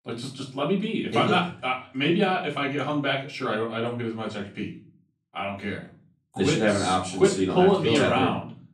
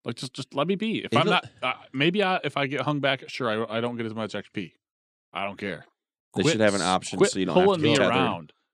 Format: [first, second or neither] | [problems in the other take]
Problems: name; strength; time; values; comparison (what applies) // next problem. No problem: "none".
second | off-mic speech; far // room echo; slight; dies away in 0.4 s